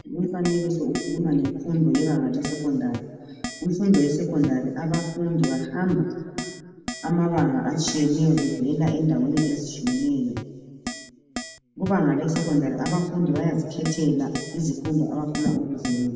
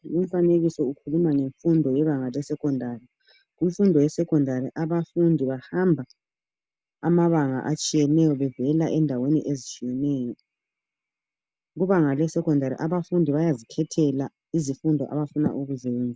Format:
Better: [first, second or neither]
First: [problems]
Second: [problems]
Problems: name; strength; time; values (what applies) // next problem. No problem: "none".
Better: second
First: background sound (Keyboard (musical)); 13 dB below the speech // room echo; dies away in 2 s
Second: none